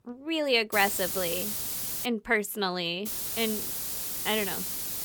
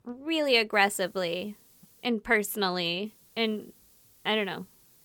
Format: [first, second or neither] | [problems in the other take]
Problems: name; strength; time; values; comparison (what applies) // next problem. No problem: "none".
second | hiss; loud; from 0.5 to 2 s and from 3 s on; 2 dB below the speech; faint in the second